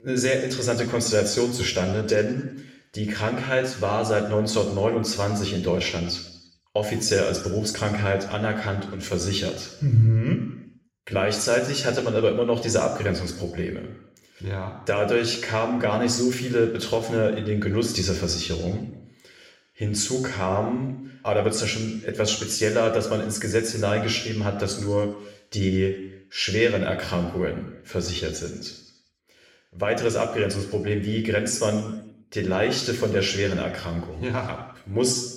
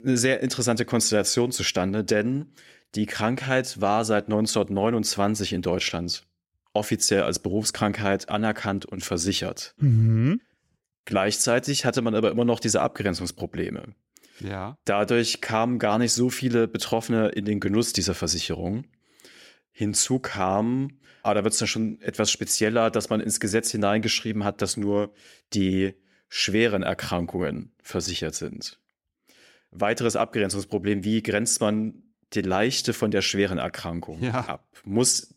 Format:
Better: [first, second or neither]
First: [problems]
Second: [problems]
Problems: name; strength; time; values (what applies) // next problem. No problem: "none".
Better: second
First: room echo; slight; dies away in 0.9 s // off-mic speech; somewhat distant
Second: none